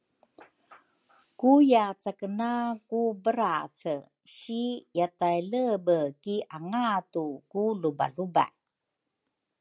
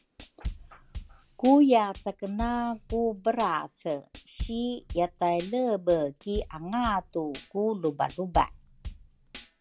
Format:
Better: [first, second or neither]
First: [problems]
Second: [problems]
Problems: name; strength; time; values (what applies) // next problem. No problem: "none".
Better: first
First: none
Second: background sound (Tambourine / Drum / Drum kit); 14 dB below the speech